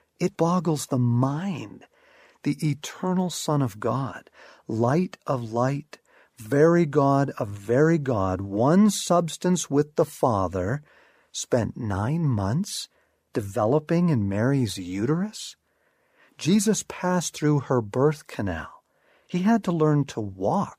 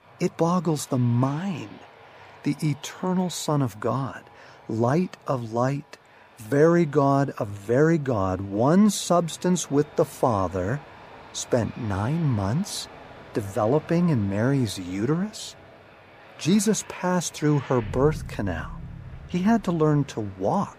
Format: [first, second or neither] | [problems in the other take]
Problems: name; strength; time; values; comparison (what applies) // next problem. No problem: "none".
first | train or aircraft noise; faint; throughout; 20 dB below the speech